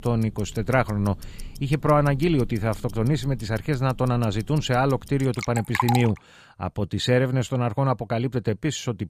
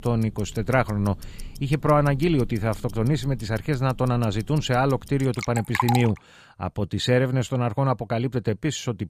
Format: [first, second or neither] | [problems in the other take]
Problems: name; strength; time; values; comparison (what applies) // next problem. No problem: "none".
neither | household noises; noticeable; until 6 s; 10 dB below the speech; the same in both